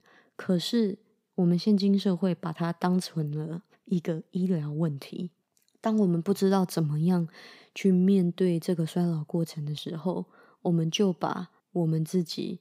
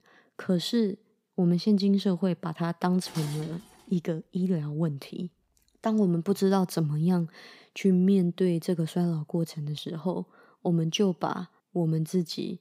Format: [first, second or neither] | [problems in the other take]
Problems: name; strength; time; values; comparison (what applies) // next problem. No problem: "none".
first | clattering dishes; faint; at 3 s; peak 15 dB below the speech